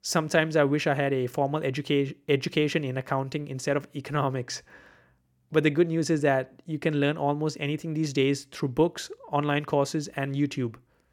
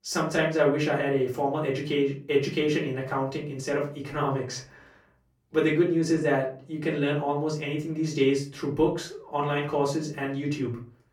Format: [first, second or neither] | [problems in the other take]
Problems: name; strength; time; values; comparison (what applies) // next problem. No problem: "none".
first | off-mic speech; far // room echo; slight; dies away in 0.3 s